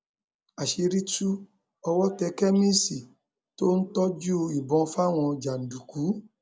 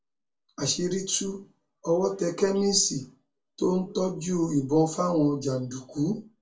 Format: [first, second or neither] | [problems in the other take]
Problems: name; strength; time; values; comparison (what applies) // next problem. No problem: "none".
first | room echo; dies away in 0.2 s